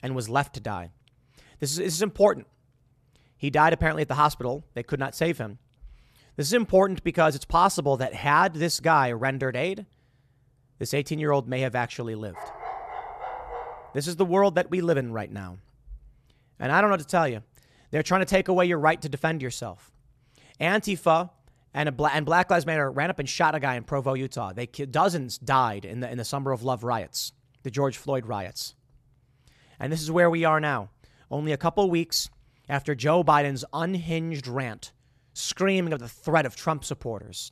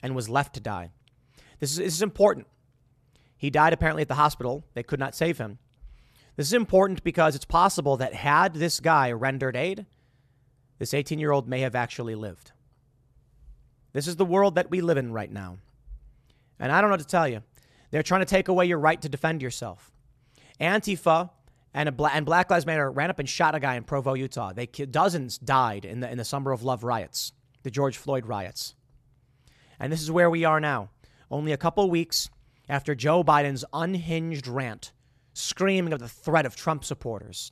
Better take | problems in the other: second | dog barking; faint; from 12 to 14 s; peak 10 dB below the speech

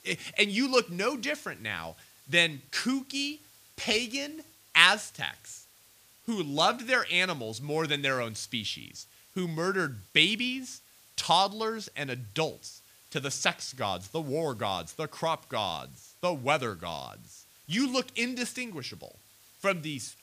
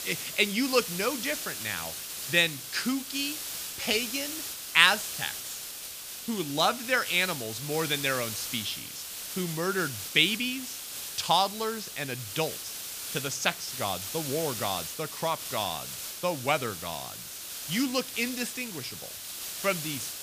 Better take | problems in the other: first | hiss; loud; throughout; 6 dB below the speech; faint in the first

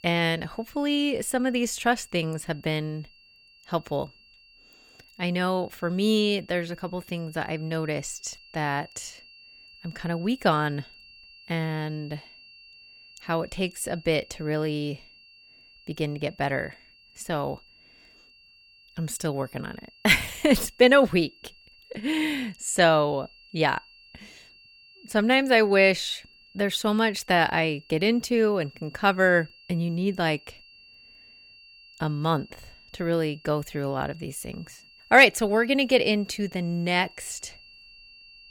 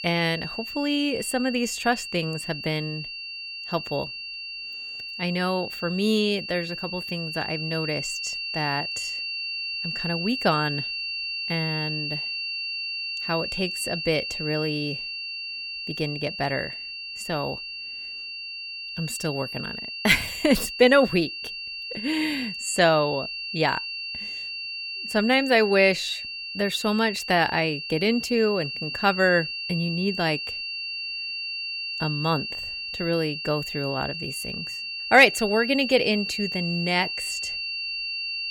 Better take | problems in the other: first | high-pitched whine; loud; throughout; 2.5 kHz, 5 dB below the speech; faint in the first

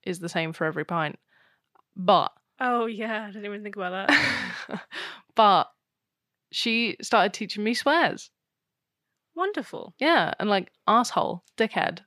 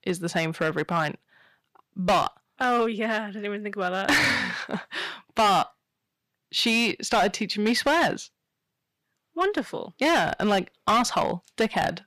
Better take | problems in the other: first | distortion; heavy; 6% of the sound clipped

